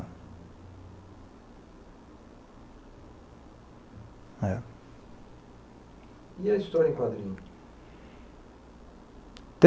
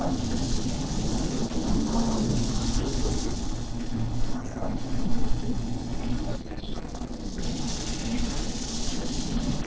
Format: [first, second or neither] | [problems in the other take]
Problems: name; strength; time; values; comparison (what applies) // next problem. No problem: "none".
first | noise reduction (neural separator model SepFormer DNS4)